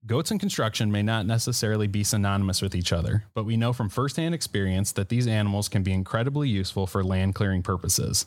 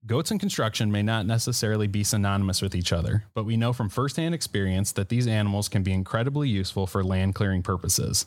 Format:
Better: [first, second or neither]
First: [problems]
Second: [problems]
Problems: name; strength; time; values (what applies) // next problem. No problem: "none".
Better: neither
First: none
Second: none